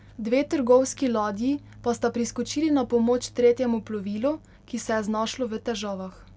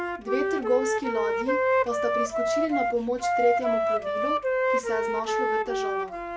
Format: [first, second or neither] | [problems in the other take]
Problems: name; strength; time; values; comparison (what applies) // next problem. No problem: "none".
first | background sound (Wind instrument, woodwind instrument); 5 dB above the speech // room echo; dies away in 0.2 s